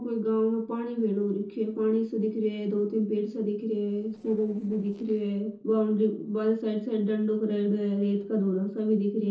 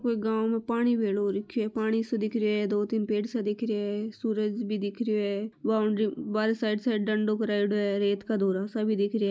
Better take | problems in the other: second | noise reduction (neural separator model SepFormer DNS4)

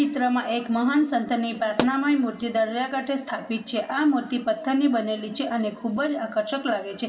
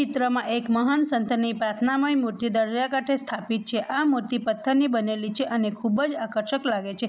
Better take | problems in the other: second | background sound (Explosion); 11 dB below the speech // room echo; dies away in 2.6 s

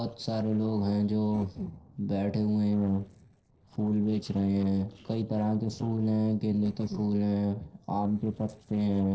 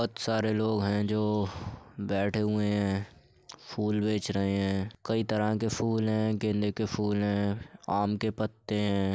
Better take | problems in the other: second | noise reduction (neural separator model SepFormer DNS4)

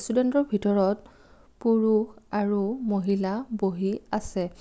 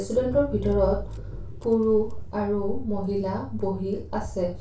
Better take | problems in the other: first | background sound (Engine / Car); 10 dB below the speech // room echo; dies away in 0.2 s

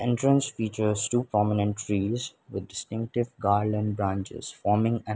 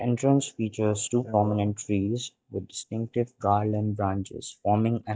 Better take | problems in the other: first | noise reduction (neural mask model DeepFilterNet 3)

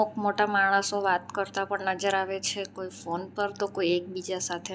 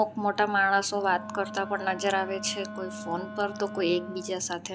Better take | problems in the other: first | background sound (Wind instrument, woodwind instrument); 12 dB below the speech

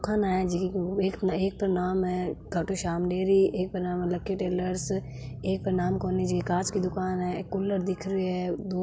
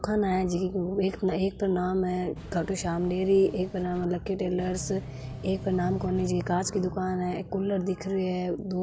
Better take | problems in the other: first | background sound (Engine / Mechanisms); 17 dB below the speech

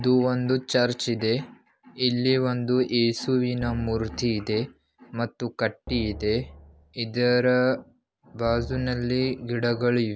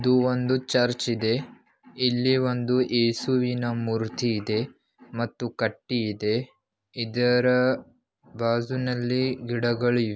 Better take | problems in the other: second | background sound (Drum); 15 dB below the speech

